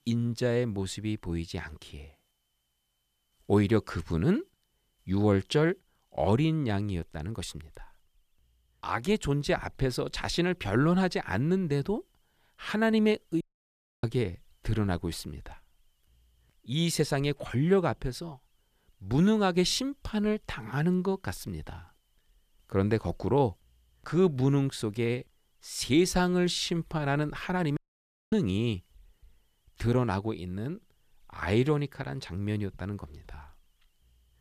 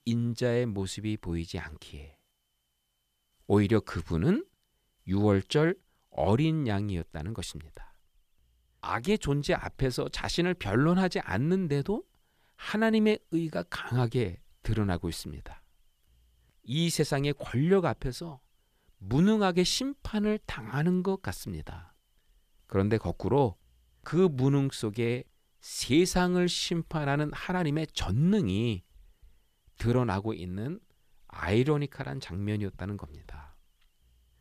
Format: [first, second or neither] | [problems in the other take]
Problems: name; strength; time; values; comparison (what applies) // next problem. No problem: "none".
second | audio cutting out; at 13 s for 0.5 s and at 28 s for 0.5 s